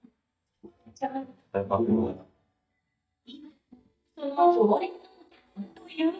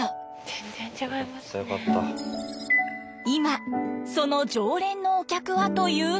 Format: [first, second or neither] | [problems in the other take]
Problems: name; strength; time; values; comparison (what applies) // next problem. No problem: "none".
second | noise reduction (neural mask model DeepFilterNet 3)